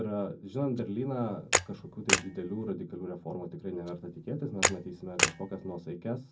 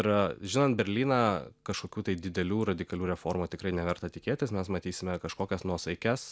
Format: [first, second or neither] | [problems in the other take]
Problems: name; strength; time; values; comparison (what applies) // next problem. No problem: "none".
second | background sound (Camera); 3 dB above the speech // room echo; dies away in 0.4 s